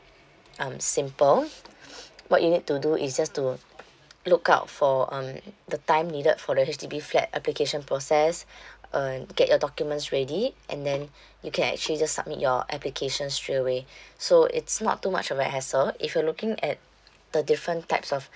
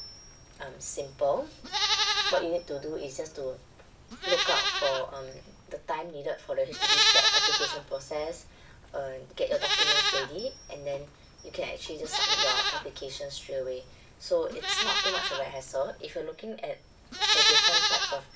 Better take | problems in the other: first | background sound (Livestock, farm animals, working animals); 4 dB above the speech // room echo; dies away in 0.3 s

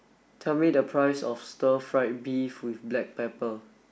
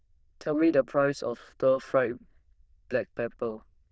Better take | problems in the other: first | noise reduction (neural diffusion model UNIVERSE++)

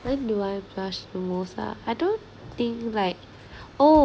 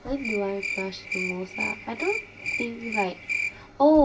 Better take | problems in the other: first | background sound (Cricket); 6 dB below the speech // room echo; dies away in 0.2 s

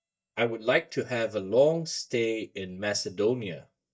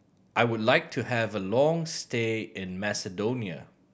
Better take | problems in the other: second | noise reduction (neural mask model DeepFilterNet 3)

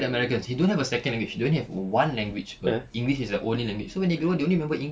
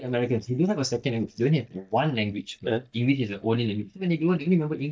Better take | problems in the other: first | noise reduction (neural mask model DeepFilterNet 3)

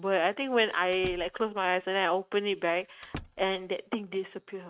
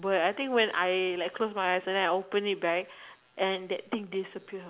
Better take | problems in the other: second | noise reduction (neural mask model RNNoise)

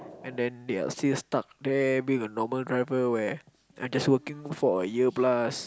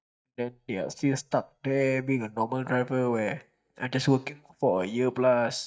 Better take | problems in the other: first | noise reduction (neural mask model DeepFilterNet 3)

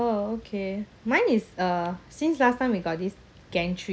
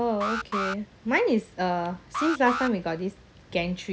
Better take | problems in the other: first | background sound (Alarm); 8 dB below the speech

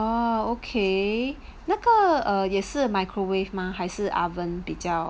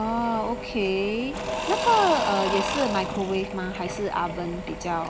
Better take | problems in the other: first | background sound (Engine / Drill / Mechanisms); 4 dB below the speech

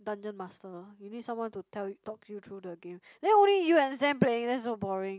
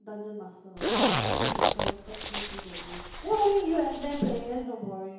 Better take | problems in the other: first | background sound (Zipper (clothing)); 1 dB above the speech // room echo; dies away in 2.2 s

